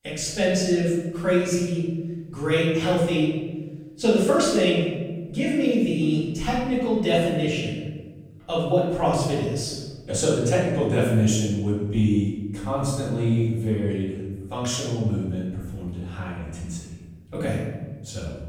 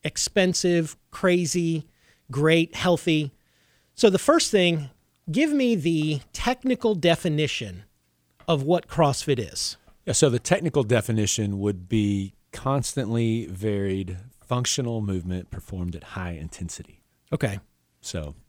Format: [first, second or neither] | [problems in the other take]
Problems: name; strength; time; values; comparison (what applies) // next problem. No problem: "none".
second | off-mic speech; far // room echo; strong; dies away in 1.3 s